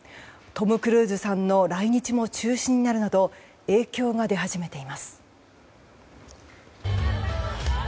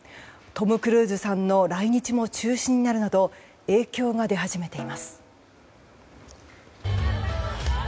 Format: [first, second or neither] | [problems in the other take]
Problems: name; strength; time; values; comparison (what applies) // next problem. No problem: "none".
first | background sound (Snare drum); 19 dB below the speech